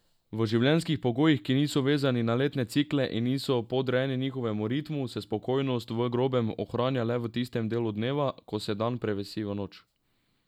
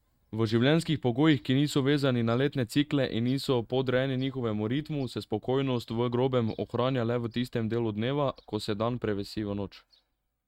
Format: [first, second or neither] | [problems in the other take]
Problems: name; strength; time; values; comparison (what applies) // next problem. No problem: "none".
first | noise reduction (neural mask model RNNoise)